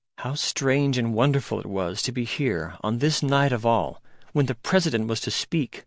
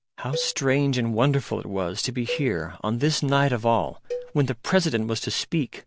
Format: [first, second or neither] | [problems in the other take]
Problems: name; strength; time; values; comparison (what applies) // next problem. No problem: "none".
first | background sound (Cowbell); 15 dB below the speech